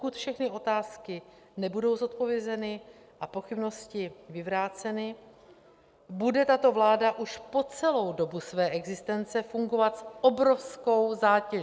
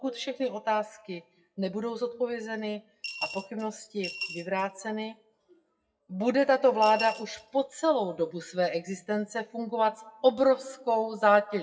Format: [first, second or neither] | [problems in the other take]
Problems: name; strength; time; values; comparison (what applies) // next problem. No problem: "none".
first | noise reduction (classical method WPE with log-MMSE)